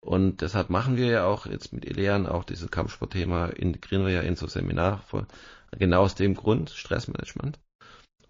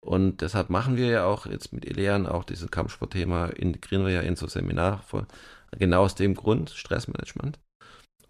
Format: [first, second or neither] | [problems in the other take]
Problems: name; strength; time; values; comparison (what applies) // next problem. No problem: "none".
second | garbled, watery; slightly; nothing above 6.5 kHz